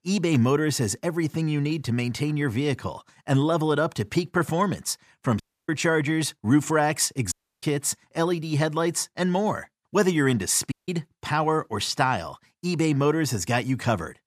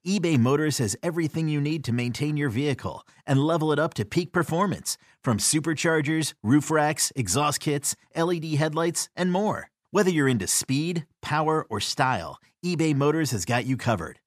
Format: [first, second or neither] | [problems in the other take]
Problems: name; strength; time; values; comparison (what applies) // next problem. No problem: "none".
second | audio cutting out; at 5.5 s, at 7.5 s and at 11 s